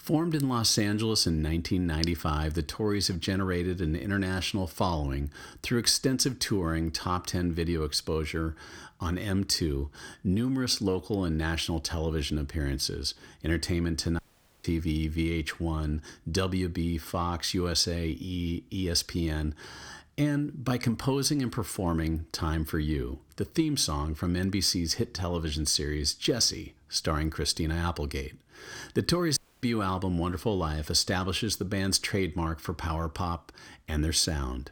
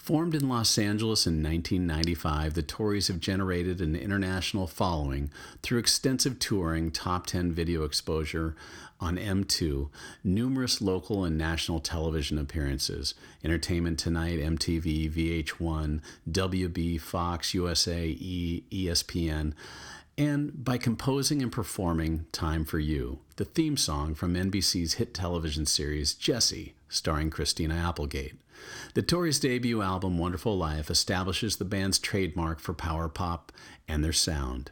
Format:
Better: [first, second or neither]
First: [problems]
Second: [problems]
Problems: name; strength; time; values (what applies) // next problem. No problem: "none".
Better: second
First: audio cutting out; at 14 s and at 29 s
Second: none